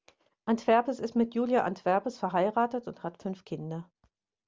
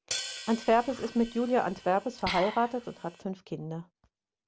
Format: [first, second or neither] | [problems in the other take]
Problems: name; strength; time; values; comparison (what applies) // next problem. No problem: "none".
first | background sound (Hi-hat + Liquid); 10 dB below the speech